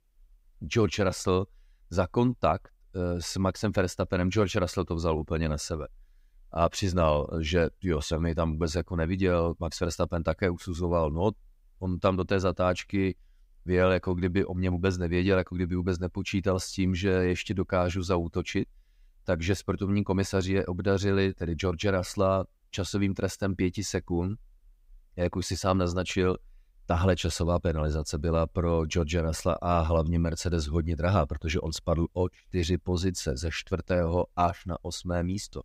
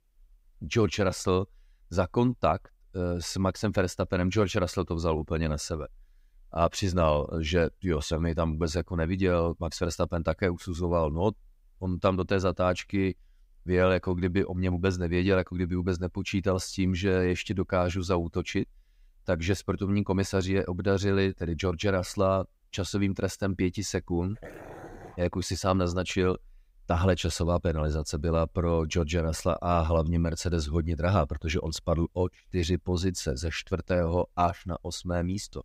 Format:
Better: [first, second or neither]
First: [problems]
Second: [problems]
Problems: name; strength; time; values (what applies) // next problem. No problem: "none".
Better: first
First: none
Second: dog barking; faint; at 24 s; peak 15 dB below the speech